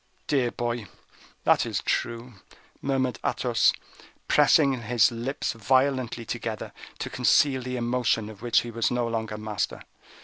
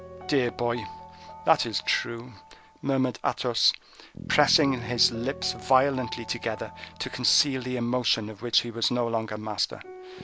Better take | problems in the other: first | background sound (Bass guitar + Piano); 16 dB below the speech

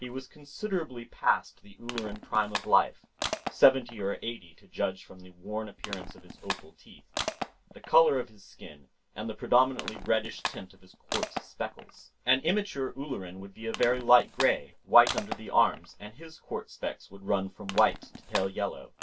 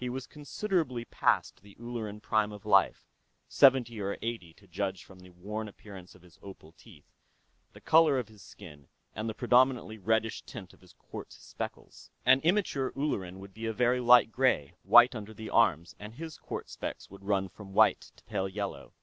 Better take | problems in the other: second | background sound (Crushing); 11 dB below the speech // room echo; dies away in 0.1 s

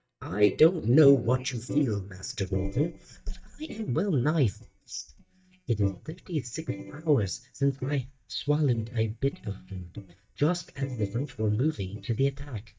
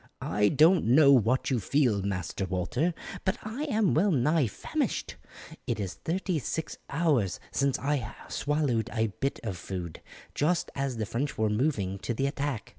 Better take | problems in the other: second | noise reduction (neural mask model DeepFilterNet 3)

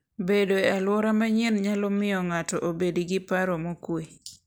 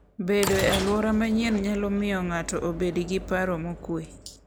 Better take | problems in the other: first | background sound (Sliding door / Train); 9 dB below the speech

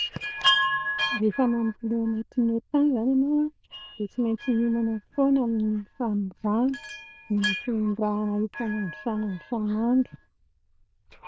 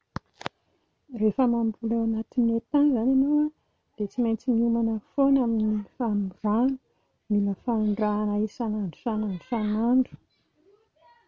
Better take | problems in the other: second | noise reduction (neural diffusion model UNIVERSE++)

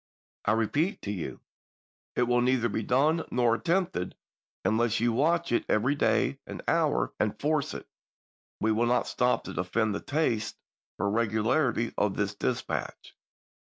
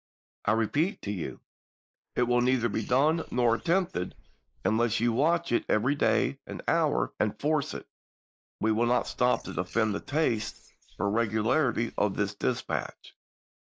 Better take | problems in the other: first | noise reduction (neural mask model Resemble Enhance denoiser)

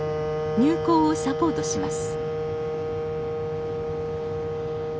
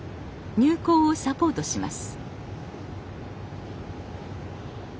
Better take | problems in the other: second | background sound (Wind instrument, woodwind instrument); as loud as the speech

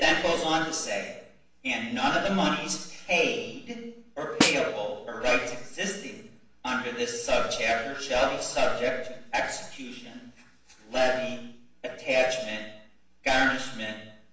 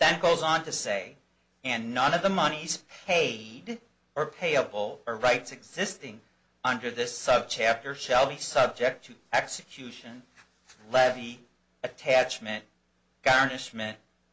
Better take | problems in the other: second | background sound (Snare drum); 2 dB below the speech // room echo; dies away in 0.8 s

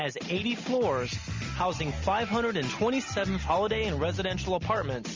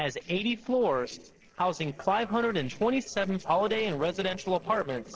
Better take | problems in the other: first | noise reduction (neural separator model SepFormer DNS4)

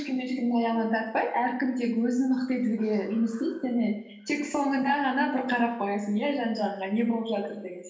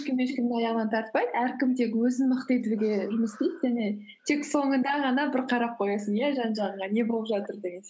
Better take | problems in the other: second | room echo; dies away in 0.7 s

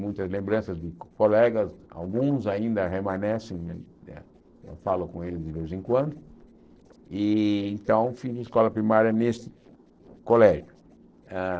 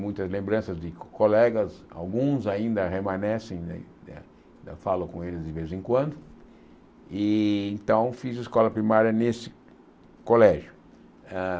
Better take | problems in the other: second | noise reduction (neural separator model SepFormer DNS4)

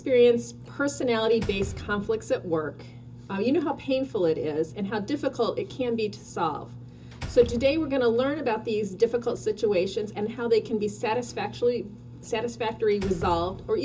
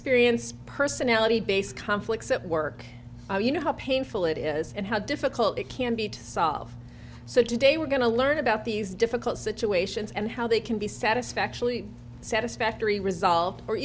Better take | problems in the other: second | background sound (Slam); 18 dB below the speech // room echo; dies away in 0.2 s

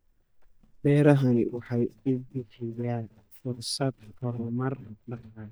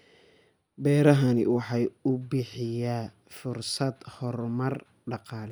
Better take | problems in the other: second | noise reduction (neural mask model DeepFilterNet 3)

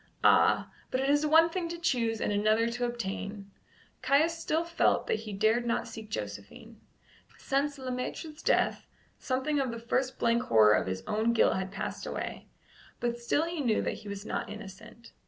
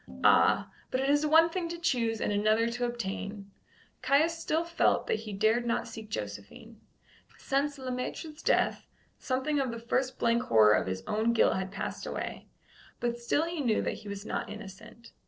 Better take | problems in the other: first | noise reduction (neural separator model SepFormer DNS4)

